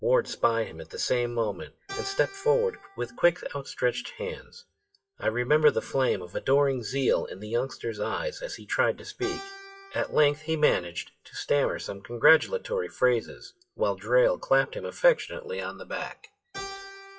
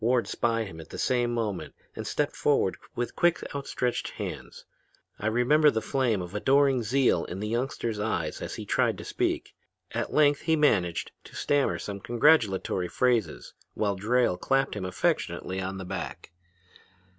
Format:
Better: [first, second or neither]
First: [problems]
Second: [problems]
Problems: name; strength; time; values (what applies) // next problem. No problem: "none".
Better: second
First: noise reduction (classical method WPE with log-MMSE)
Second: none